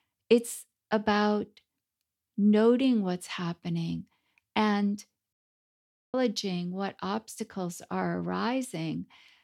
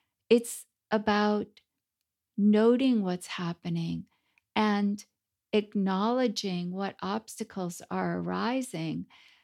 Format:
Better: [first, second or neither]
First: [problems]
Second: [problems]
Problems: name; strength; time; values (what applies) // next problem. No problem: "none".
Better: second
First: audio cutting out; at 5.5 s for 1 s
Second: none